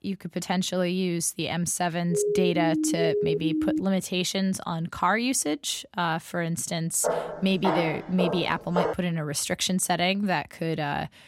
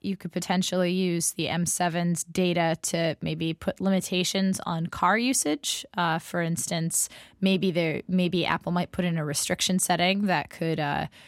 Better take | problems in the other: second | siren; loud; from 2 to 4 s; peak 1 dB above the speech // footsteps; noticeable; from 7 to 9 s; peak 1 dB below the speech

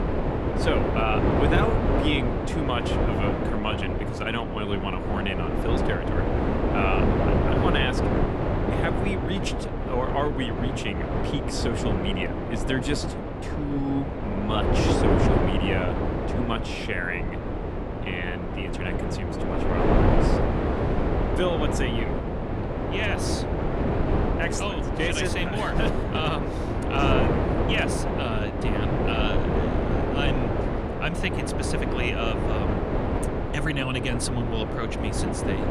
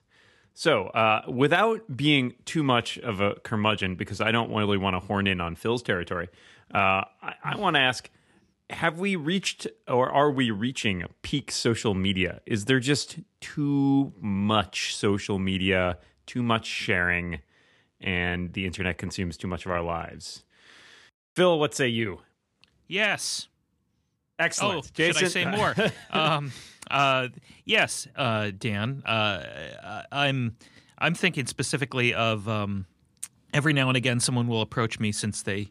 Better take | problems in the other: second | wind noise on the microphone; heavy; 1 dB above the speech

